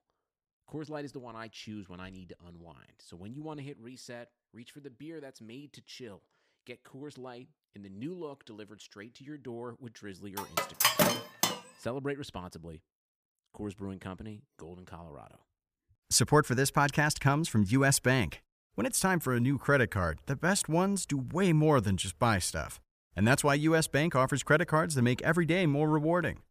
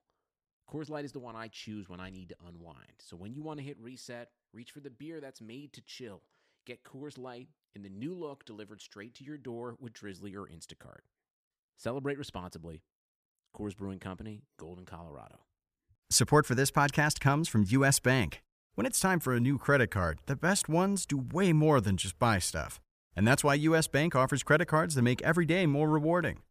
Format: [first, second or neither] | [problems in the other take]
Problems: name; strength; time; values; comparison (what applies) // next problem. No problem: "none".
second | clattering dishes; loud; from 10 to 12 s; peak 4 dB above the speech